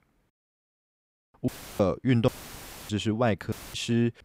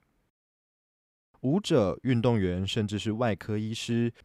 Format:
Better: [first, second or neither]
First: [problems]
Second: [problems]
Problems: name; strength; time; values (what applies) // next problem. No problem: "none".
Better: second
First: audio cutting out; filled with static; at 1.5 s, at 2.5 s for 0.5 s and at 3.5 s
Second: none